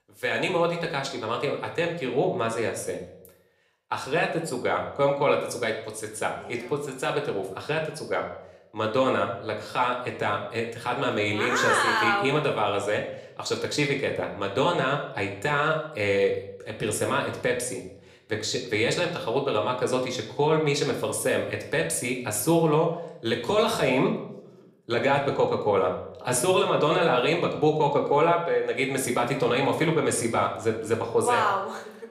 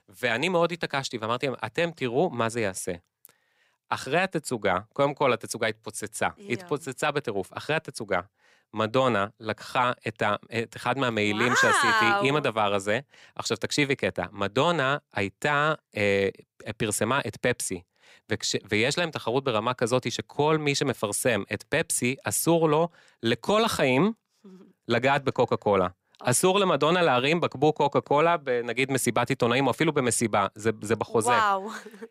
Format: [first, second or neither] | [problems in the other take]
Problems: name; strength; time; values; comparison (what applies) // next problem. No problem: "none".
second | room echo; slight; dies away in 0.6 s // off-mic speech; somewhat distant